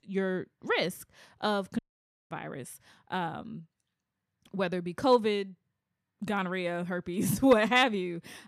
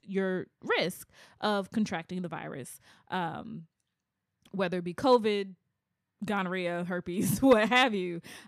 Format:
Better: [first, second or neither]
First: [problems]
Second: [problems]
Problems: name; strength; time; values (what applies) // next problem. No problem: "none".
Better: second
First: audio cutting out; at 2 s for 0.5 s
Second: none